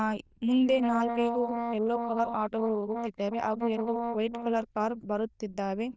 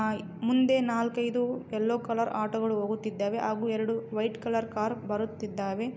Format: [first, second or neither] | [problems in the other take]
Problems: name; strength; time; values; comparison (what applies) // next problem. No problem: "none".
second | noise reduction (neural diffusion model UNIVERSE++)